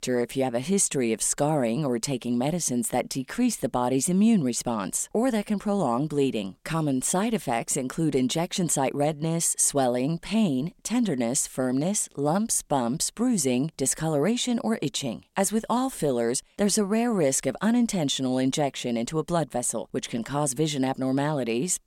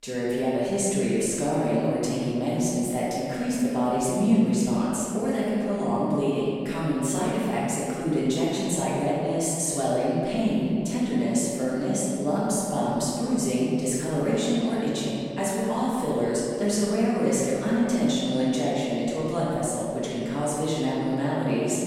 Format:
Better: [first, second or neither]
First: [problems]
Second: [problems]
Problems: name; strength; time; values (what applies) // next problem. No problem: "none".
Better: first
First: none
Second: room echo; strong; dies away in 2.4 s // off-mic speech; far